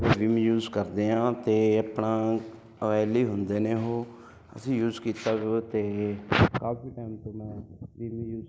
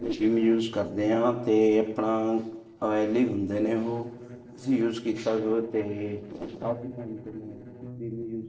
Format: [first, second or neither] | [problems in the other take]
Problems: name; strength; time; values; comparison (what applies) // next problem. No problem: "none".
first | noise reduction (neural separator model SepFormer DNS4)